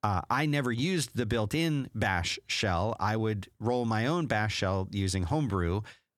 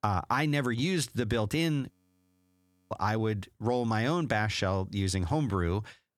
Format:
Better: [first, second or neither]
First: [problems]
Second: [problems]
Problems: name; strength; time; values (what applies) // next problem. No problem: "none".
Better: first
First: none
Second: audio freezing; at 2 s for 1 s